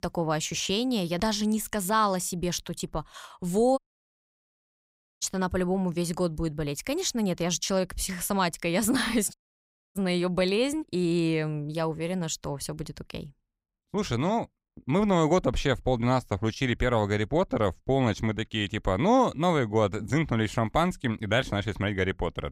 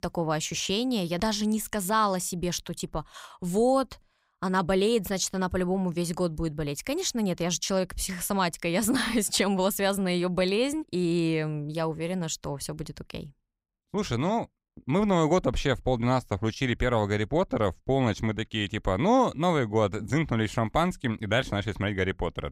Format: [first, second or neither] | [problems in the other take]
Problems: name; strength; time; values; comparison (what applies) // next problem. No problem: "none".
second | audio cutting out; at 4 s for 1.5 s and at 9.5 s for 0.5 s